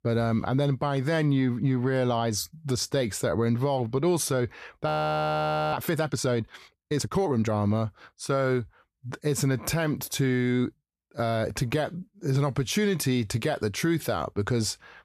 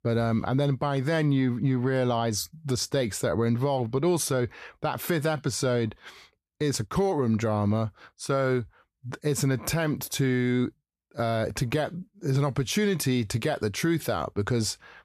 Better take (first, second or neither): second